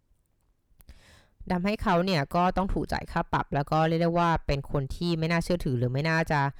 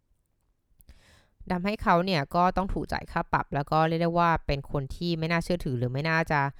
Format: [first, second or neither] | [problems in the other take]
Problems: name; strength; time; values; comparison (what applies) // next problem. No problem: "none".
second | distortion; slight; 10 dB below the speech